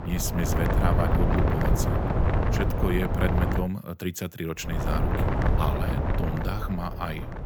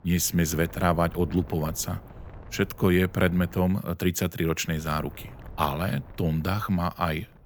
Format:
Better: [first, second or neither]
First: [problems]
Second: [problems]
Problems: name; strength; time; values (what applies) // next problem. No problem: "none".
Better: second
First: wind noise on the microphone; heavy; until 3.5 s and from 4.5 s on; 2 dB above the speech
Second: wind noise on the microphone; occasional gusts; until 3.5 s and from 4.5 s on; 25 dB below the speech